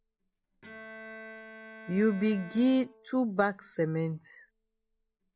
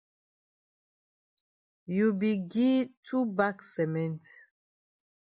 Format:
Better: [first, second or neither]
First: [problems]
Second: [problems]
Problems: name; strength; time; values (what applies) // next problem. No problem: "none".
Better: second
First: background sound (Bowed string instrument); 18 dB below the speech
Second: none